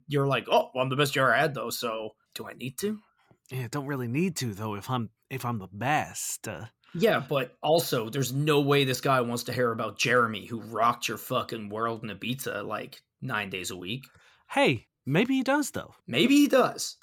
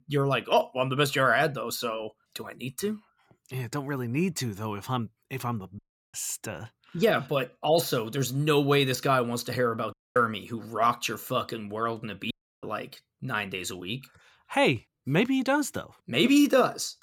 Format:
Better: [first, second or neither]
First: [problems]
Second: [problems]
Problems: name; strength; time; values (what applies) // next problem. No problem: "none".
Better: first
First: none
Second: audio cutting out; at 6 s, at 10 s and at 12 s